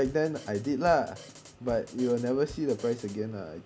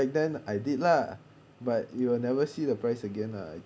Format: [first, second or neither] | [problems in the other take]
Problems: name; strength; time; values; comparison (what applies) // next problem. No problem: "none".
second | background sound (Drum kit); 19 dB below the speech